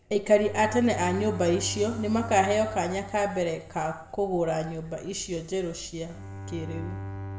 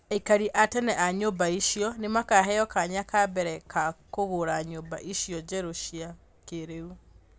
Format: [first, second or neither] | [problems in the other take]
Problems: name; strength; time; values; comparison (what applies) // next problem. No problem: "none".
second | background sound (Bowed string instrument); 12 dB below the speech // room echo; dies away in 1.2 s